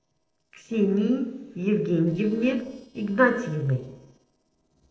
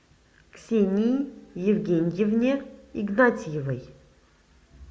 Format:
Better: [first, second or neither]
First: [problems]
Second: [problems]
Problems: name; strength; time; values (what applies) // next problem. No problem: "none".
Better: second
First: noise reduction (neural separator model SepFormer DNS4)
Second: none